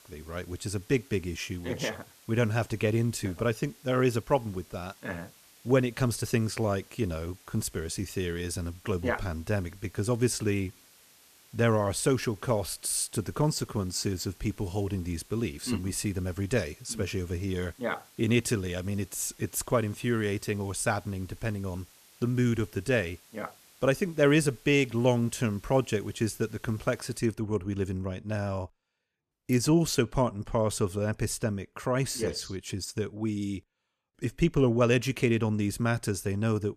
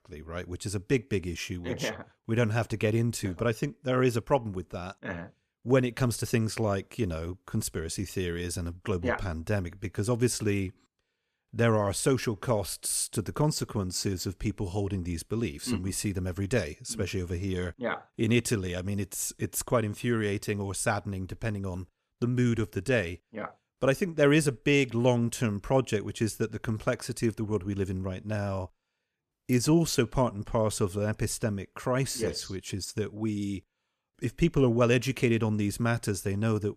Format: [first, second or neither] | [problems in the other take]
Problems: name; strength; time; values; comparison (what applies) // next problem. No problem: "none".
second | hiss; faint; until 27 s; 25 dB below the speech